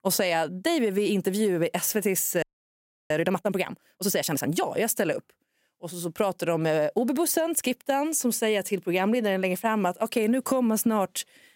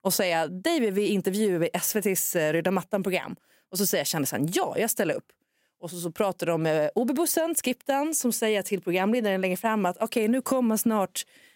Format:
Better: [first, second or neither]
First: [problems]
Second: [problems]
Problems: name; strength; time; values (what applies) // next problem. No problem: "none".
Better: second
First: audio freezing; at 2.5 s for 0.5 s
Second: none